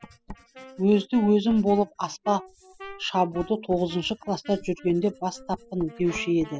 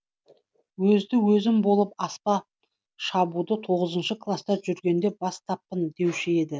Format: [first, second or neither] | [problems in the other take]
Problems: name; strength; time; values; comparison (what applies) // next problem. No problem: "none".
second | noise reduction (classical method spectral subtraction)